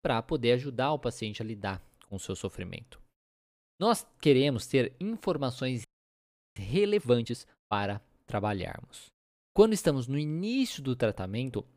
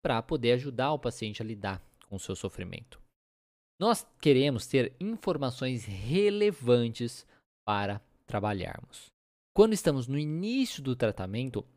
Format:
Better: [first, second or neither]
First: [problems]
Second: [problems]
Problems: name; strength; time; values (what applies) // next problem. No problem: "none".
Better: second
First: audio freezing; at 6 s for 0.5 s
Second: none